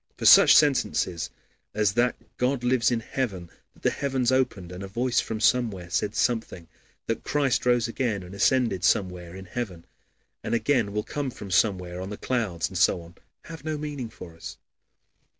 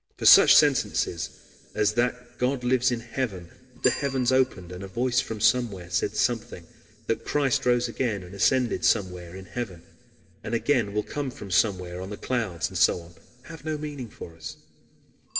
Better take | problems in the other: first | background sound (Bicycle bell); 19 dB below the speech // room echo; dies away in 2.3 s

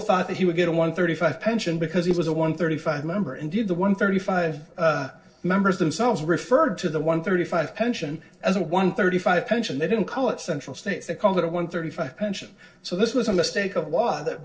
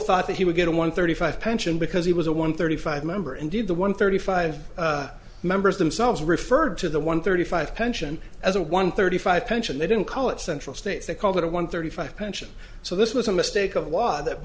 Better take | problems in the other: second | noise reduction (neural separator model SepFormer DNS4)

